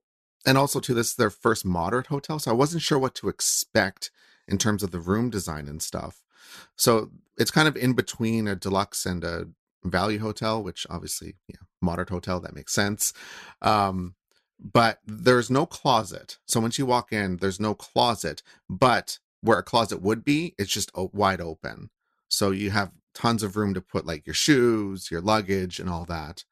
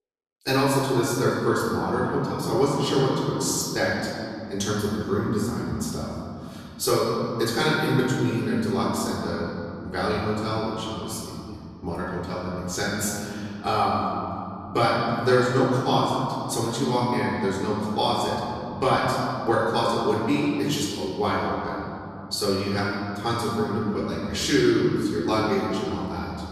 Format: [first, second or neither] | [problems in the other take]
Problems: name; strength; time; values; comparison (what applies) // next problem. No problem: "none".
first | off-mic speech; far // room echo; strong; dies away in 2.7 s